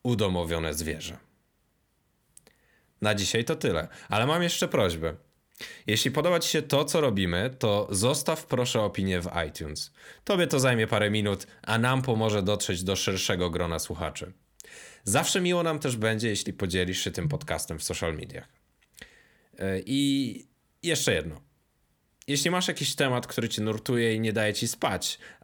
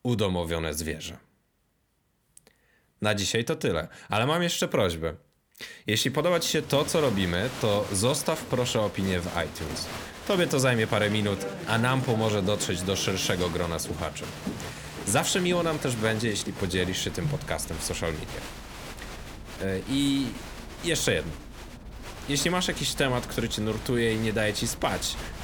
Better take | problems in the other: first | crowd noise; noticeable; from 6.5 s on; 10 dB below the speech

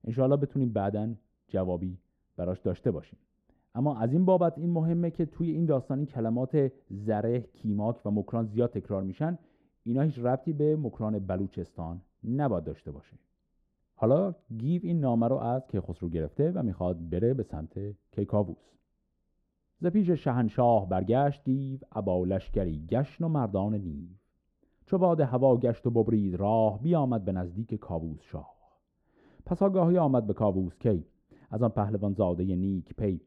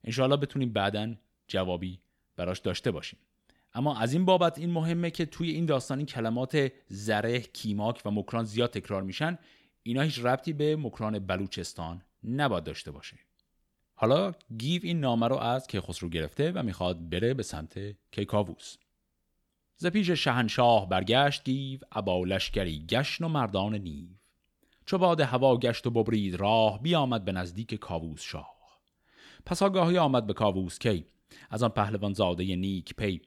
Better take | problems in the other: second | muffled; very; fading above 1.5 kHz

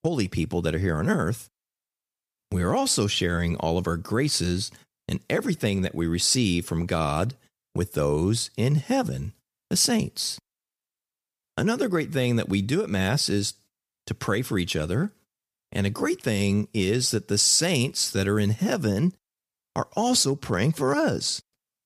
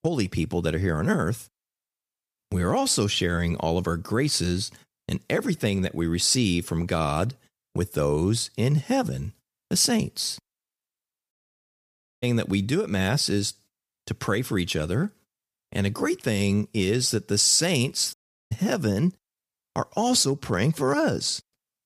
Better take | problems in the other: first | audio cutting out; at 11 s for 1 s and at 18 s

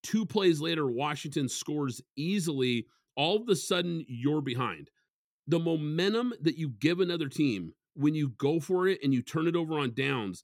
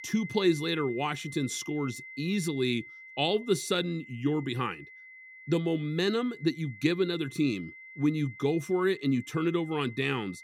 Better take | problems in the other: first | high-pitched whine; noticeable; throughout; 2 kHz, 15 dB below the speech

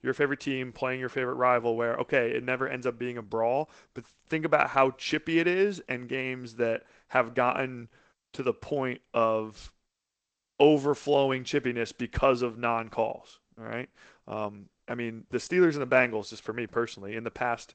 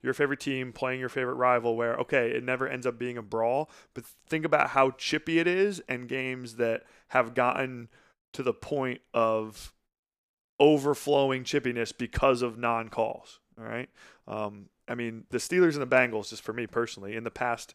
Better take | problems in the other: second | garbled, watery; slightly; nothing above 8 kHz

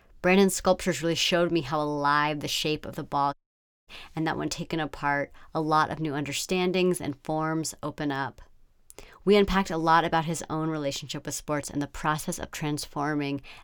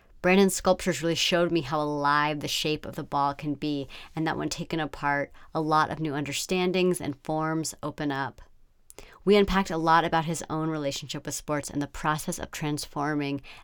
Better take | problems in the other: second | audio cutting out; at 3.5 s for 0.5 s

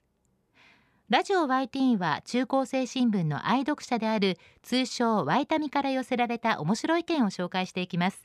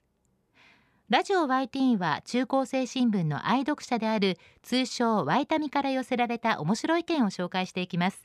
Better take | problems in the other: neither | none

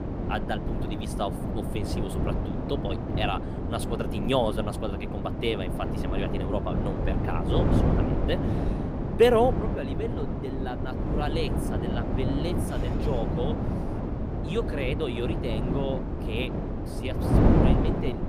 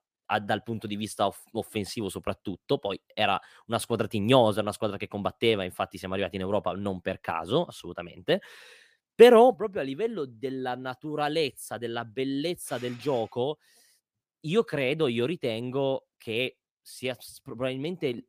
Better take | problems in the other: second | wind noise on the microphone; heavy; 3 dB below the speech

